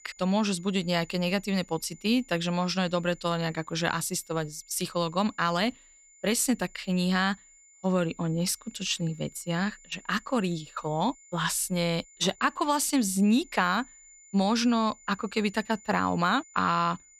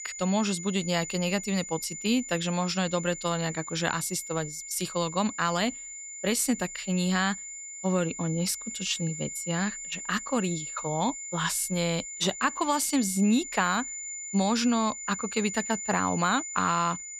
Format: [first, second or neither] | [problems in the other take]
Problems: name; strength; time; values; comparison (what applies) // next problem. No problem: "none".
first | high-pitched whine; loud; throughout; 7 kHz, 8 dB below the speech; faint in the first